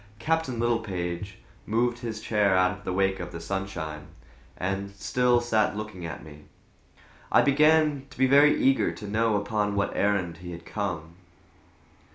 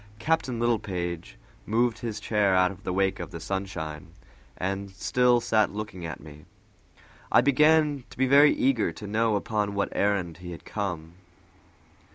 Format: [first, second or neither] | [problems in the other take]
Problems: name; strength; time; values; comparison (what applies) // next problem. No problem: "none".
second | background sound (Walk, footsteps / Bird vocalization, bird call, bird song); 17 dB below the speech // room echo; dies away in 0.4 s